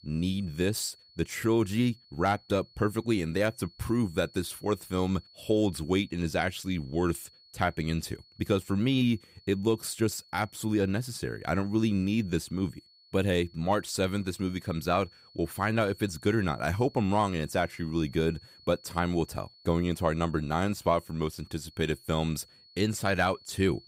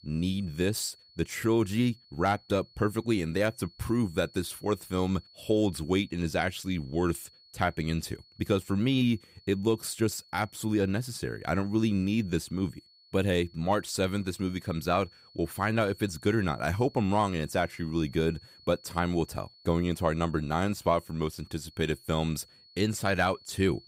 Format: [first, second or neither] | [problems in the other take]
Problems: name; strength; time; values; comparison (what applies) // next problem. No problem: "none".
neither | high-pitched whine; faint; throughout; 4.5 kHz, 25 dB below the speech; the same in both